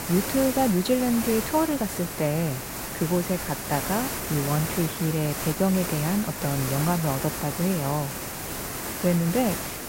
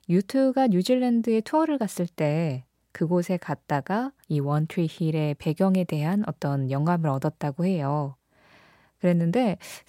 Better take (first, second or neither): second